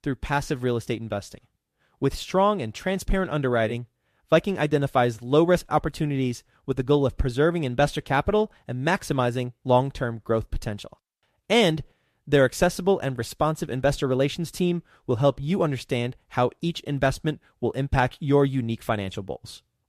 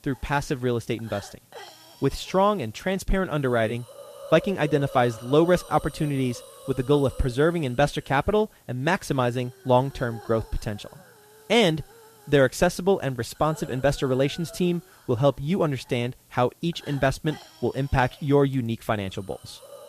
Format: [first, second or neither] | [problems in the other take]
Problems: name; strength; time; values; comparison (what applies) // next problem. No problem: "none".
first | hiss; faint; throughout; 20 dB below the speech